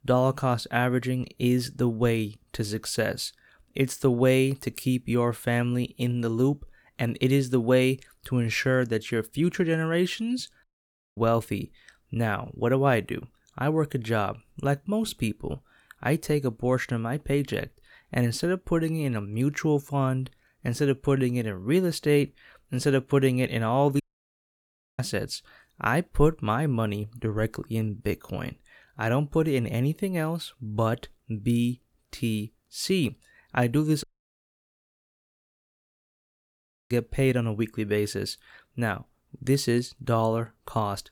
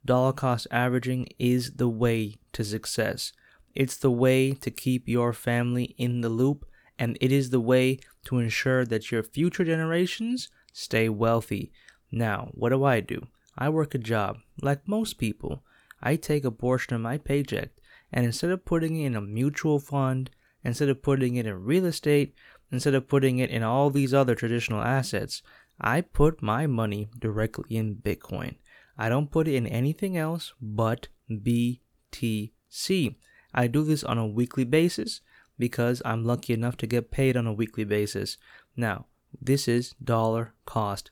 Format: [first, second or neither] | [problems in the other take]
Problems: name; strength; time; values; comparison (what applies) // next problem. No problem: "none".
second | audio cutting out; at 11 s for 0.5 s, at 24 s for 1 s and at 34 s for 3 s